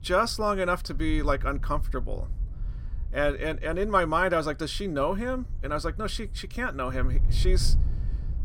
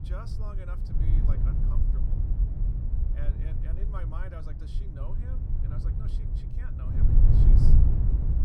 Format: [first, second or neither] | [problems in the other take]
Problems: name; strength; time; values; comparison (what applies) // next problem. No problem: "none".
first | wind noise on the microphone; heavy; 5 dB above the speech; occasional gusts in the first